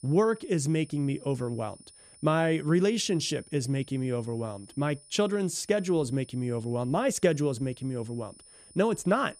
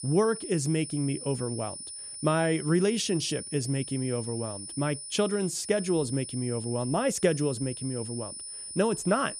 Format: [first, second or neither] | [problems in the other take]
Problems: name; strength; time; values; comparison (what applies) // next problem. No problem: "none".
first | high-pitched whine; loud; throughout; 9.5 kHz, 8 dB below the speech; faint in the first